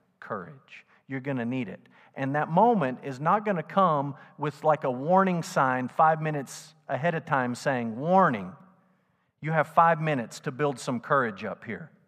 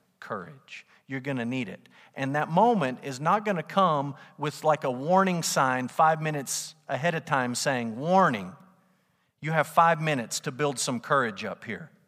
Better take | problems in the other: second | muffled; slightly; fading above 3 kHz

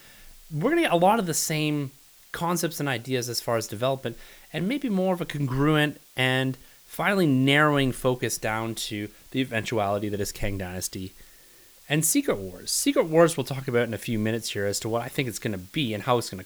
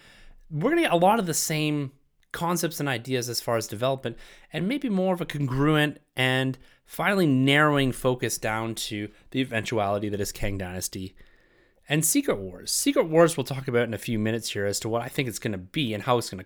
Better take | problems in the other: second | hiss; faint; throughout; 25 dB below the speech

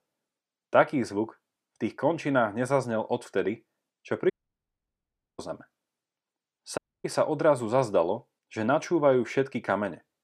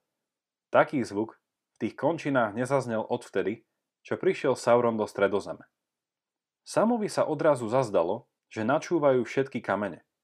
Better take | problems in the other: second | audio cutting out; at 4.5 s for 1 s and at 7 s

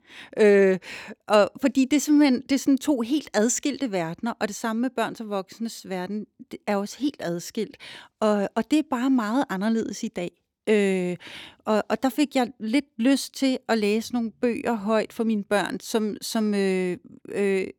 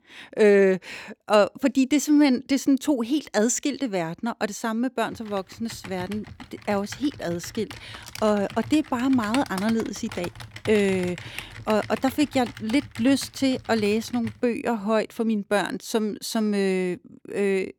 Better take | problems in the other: first | keyboard typing; noticeable; from 5 to 14 s; peak 8 dB below the speech

